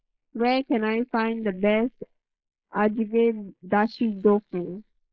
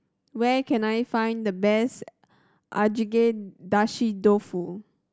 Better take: second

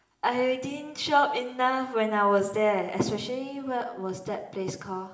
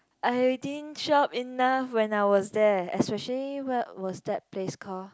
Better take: second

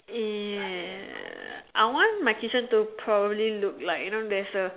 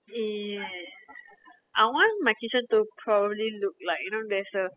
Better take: first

